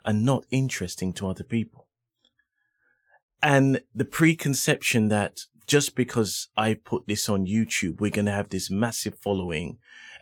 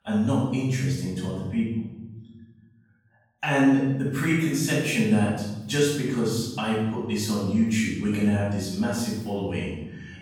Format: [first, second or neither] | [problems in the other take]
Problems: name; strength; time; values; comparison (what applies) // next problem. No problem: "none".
first | off-mic speech; far // room echo; strong; dies away in 1.3 s